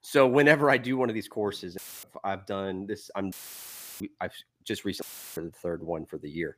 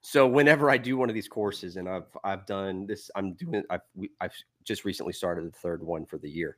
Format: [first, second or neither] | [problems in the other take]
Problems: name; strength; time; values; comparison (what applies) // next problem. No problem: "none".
second | audio cutting out; filled with static; at 2 s, at 3.5 s for 0.5 s and at 5 s